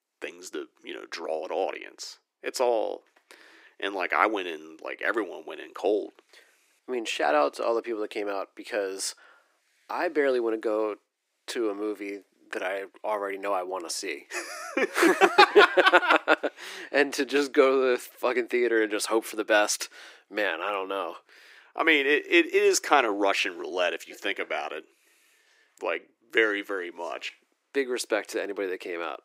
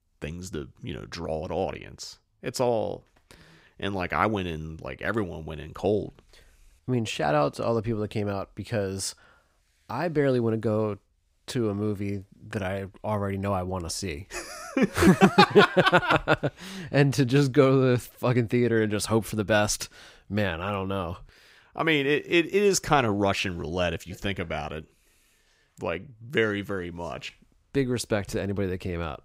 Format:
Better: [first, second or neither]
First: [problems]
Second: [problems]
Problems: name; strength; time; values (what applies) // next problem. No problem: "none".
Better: second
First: thin; very; fading below 300 Hz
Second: none